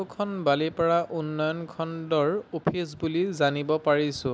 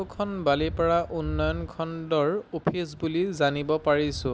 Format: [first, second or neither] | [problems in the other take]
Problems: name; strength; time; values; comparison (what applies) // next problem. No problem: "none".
first | background sound (Thunder); 13 dB below the speech